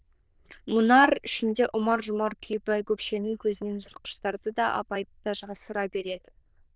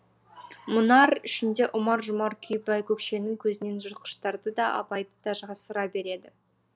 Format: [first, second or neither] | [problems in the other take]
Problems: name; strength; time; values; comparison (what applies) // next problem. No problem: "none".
second | noise reduction (neural diffusion model UNIVERSE++)